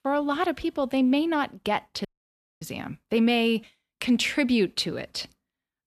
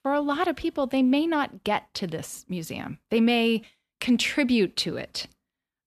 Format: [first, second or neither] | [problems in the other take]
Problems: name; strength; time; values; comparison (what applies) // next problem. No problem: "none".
second | audio cutting out; at 2 s for 0.5 s